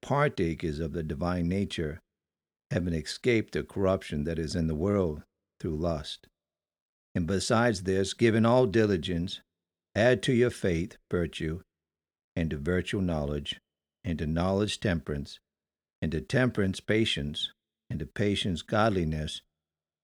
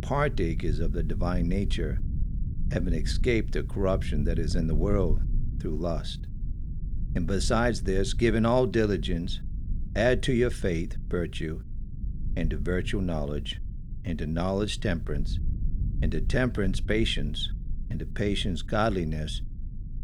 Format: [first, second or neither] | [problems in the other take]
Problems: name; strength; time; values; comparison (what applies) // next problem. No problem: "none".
first | low rumble; noticeable; throughout; 20 dB below the speech